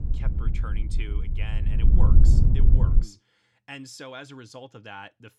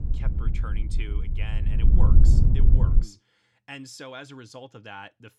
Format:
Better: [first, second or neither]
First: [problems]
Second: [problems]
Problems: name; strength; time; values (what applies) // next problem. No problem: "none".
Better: neither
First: wind noise on the microphone; heavy; until 3 s; 1 dB above the speech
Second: wind noise on the microphone; heavy; until 3 s; 1 dB above the speech